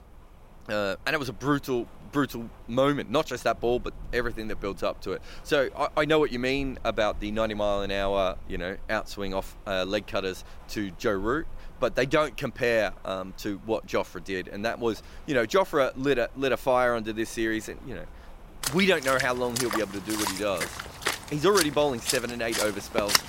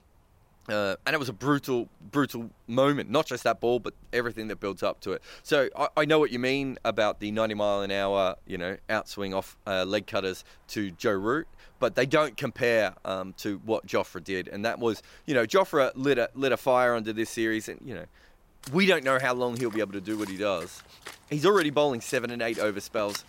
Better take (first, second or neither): second